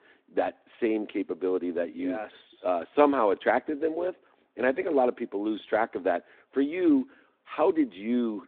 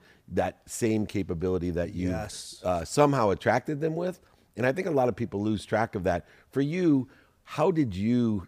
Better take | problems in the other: second | phone-call audio; nothing above 3.5 kHz

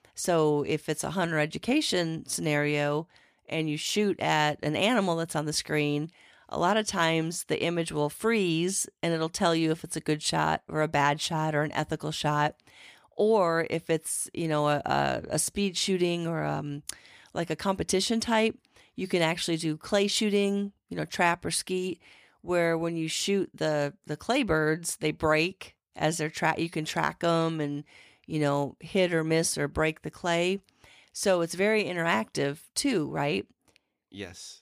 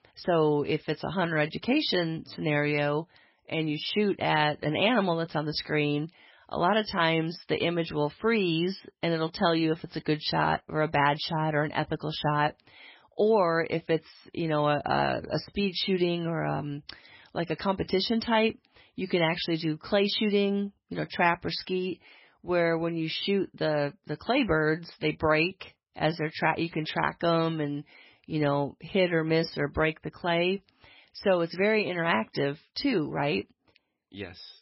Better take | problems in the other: first | garbled, watery; badly; nothing above 5.5 kHz

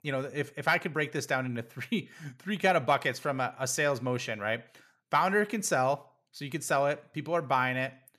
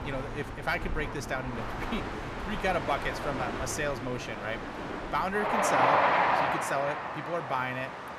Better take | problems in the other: first | train or aircraft noise; very loud; throughout; 2 dB above the speech

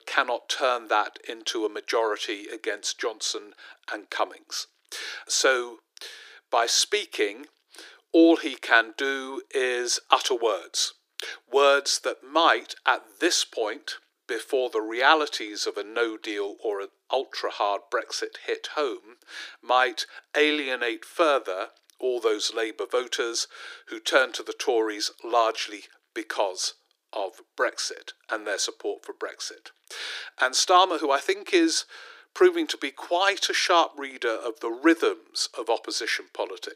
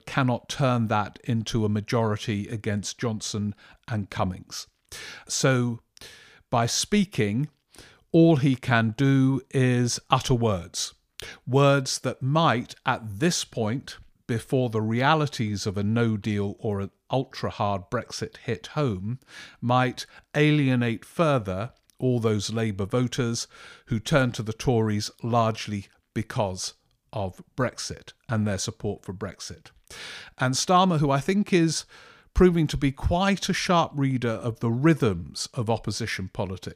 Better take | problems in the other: second | thin; very; fading below 300 Hz

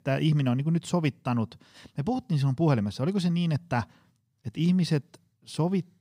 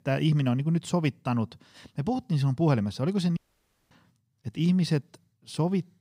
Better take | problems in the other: first | audio cutting out; at 3.5 s for 0.5 s

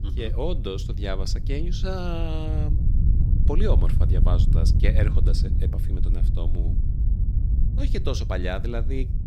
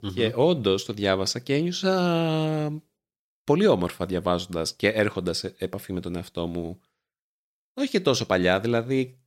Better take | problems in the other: second | wind noise on the microphone; heavy; 7 dB below the speech

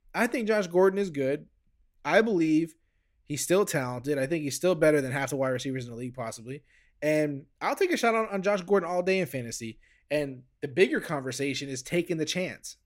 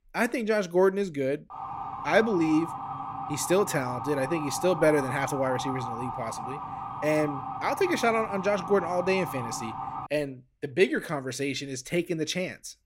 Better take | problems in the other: first | siren; noticeable; from 1.5 to 10 s; peak 6 dB below the speech

